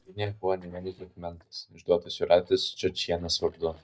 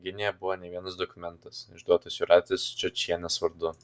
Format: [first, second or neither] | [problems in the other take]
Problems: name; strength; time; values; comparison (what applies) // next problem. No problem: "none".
second | noise reduction (neural mask model DeepFilterNet 3)